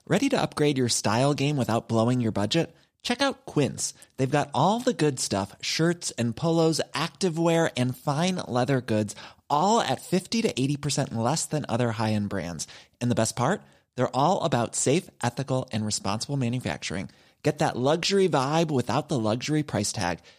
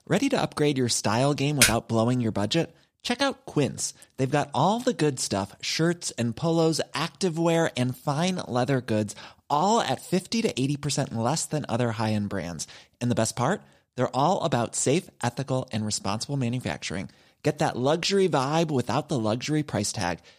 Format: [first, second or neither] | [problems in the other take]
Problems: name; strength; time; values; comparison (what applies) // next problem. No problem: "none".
first | keyboard typing; loud; at 1.5 s; peak 5 dB above the speech